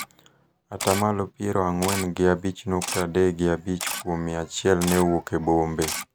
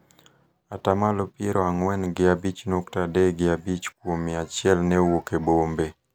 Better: second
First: background sound (Camera); 11 dB below the speech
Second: none

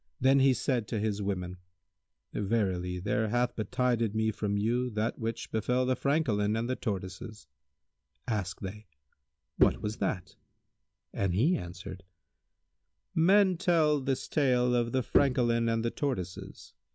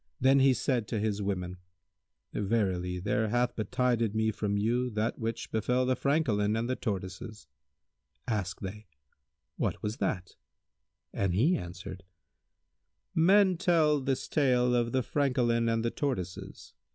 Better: second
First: background sound (Bowed string instrument); 6 dB below the speech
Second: none

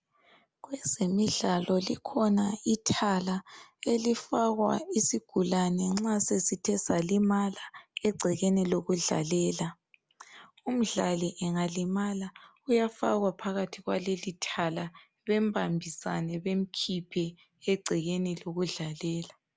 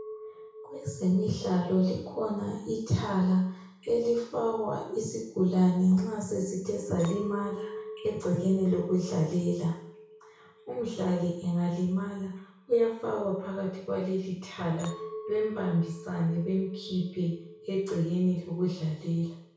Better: first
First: none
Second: background sound (Chink, clink); 17 dB below the speech // room echo; dies away in 0.6 s

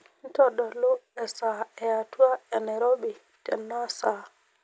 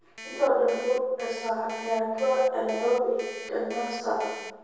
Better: first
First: none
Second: background sound (Alarm); 16 dB below the speech // room echo; dies away in 1.3 s

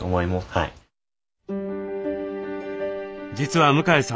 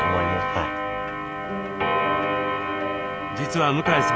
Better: first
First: none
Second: background sound (Clock); 3 dB above the speech

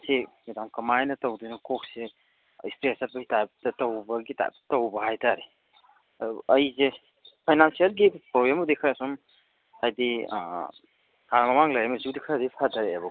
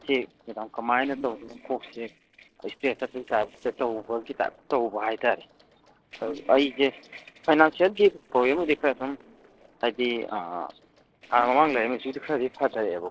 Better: first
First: none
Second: noise reduction (neural separator model SepFormer DNS4)

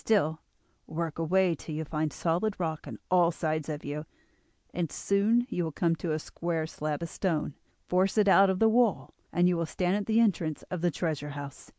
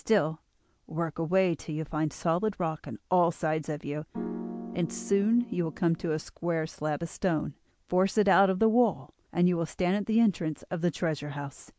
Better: first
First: none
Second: background sound (Piano); 10 dB below the speech

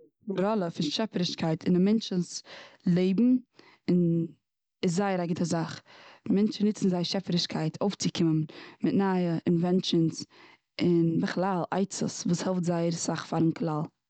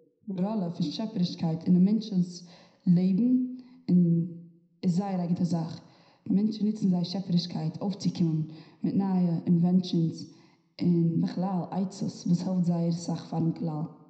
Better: first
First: none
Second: room echo; dies away in 0.8 s

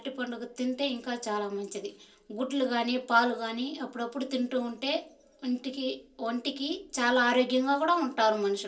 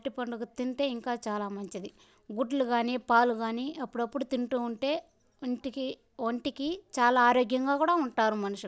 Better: second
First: room echo; dies away in 0.3 s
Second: none

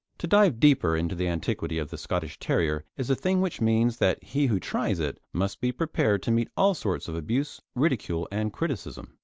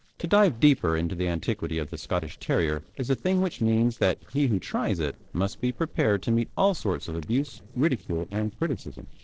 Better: first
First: none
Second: noise reduction (neural separator model SepFormer DNS4)

